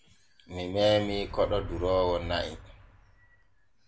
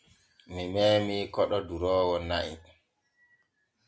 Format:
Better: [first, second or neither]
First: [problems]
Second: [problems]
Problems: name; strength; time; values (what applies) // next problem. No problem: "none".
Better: second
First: background sound (Motor vehicle (road)); 12 dB below the speech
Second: none